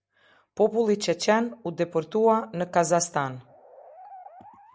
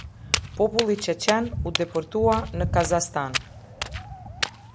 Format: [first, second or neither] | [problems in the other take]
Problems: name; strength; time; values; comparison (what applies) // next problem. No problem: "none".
first | background sound (Walk, footsteps); 5 dB below the speech